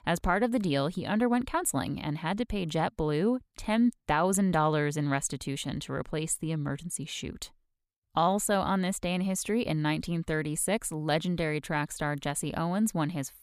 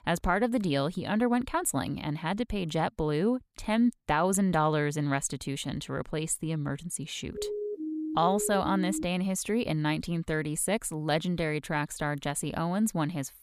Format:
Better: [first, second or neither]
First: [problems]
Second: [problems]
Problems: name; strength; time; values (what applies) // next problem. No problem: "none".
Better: first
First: none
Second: siren; noticeable; from 7.5 to 9 s; peak 5 dB below the speech